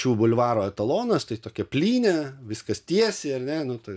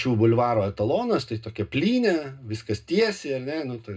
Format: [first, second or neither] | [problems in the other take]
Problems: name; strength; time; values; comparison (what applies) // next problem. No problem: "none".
first | room echo; dies away in 0.2 s